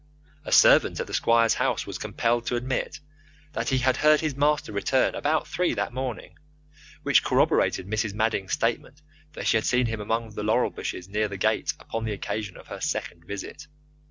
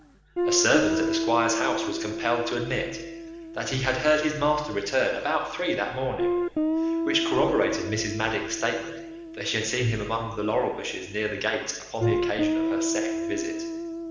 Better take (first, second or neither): first